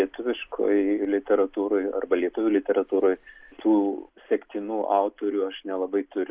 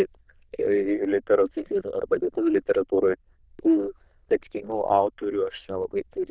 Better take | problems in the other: first | noise reduction (neural diffusion model UNIVERSE++)

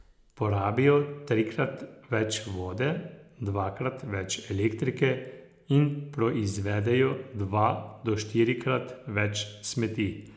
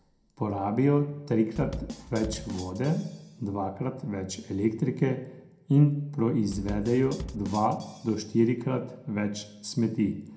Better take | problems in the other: first | background sound (Bass drum / Snare drum); 13 dB below the speech // room echo; dies away in 0.2 s

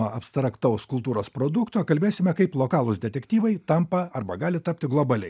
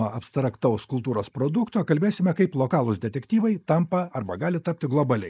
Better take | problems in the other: first | noise reduction (neural mask model Resemble Enhance denoiser)

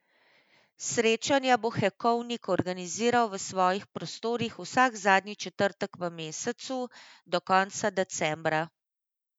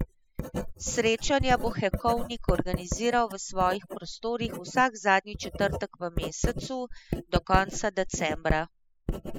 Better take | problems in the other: first | noise reduction (classical method spectral subtraction)

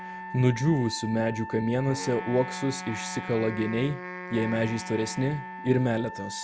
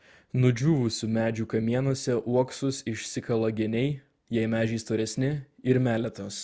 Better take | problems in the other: second | background sound (Wind instrument, woodwind instrument + Wind instrument, woodwind instrument); 10 dB below the speech

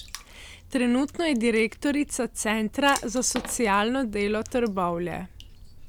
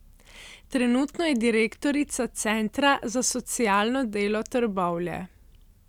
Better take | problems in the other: second | background sound (Water / Splash, splatter); 17 dB below the speech

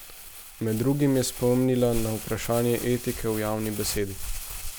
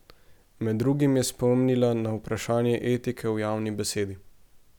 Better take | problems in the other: second | background sound (Crumpling, crinkling); 9 dB below the speech

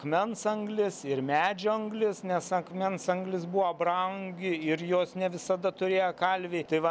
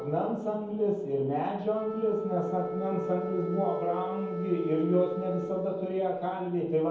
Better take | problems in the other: first | background sound (Wind instrument, woodwind instrument); 8 dB below the speech // room echo; dies away in 0.9 s

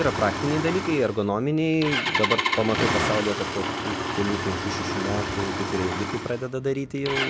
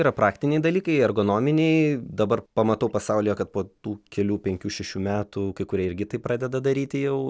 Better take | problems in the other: second | background sound (Engine starting); 2 dB below the speech

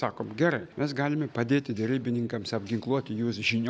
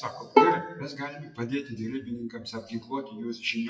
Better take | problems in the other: first | noise reduction (classical method WPE with log-MMSE)

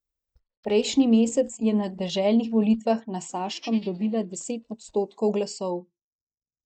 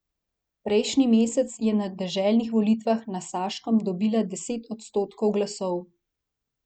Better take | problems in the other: second | noise reduction (neural mask model DeepFilterNet 3)

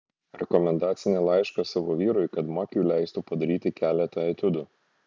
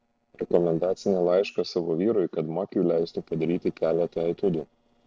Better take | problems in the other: first | noise reduction (neural separator model SepFormer DNS4)

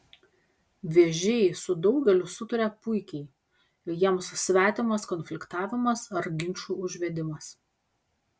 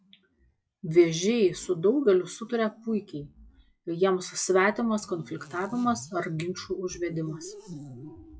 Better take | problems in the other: first | noise reduction (classical method log-MMSE)

